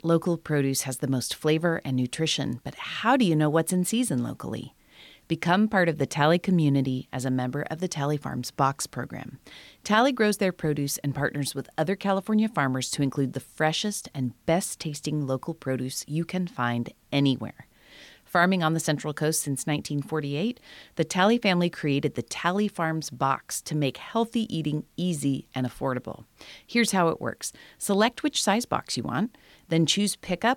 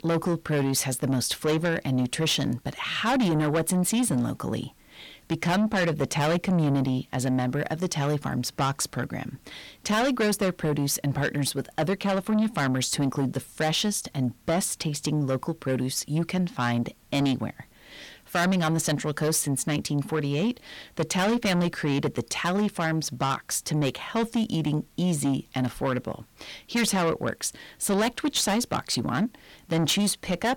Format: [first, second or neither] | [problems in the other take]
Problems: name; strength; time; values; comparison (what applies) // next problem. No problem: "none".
first | distortion; heavy; 7 dB below the speech